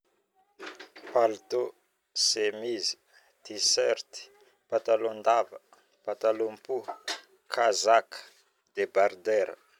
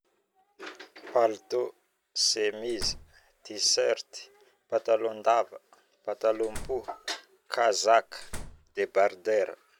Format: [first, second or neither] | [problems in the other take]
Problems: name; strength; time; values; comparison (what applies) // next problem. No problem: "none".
first | background sound (Slam); 13 dB below the speech